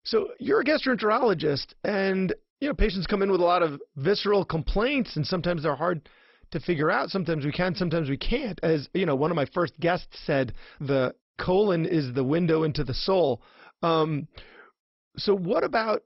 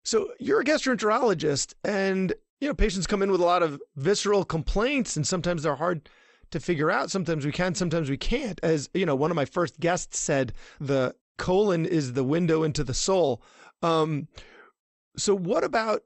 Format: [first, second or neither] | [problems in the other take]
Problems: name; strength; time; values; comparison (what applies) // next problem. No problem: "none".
second | garbled, watery; badly; nothing above 5.5 kHz; slightly in the second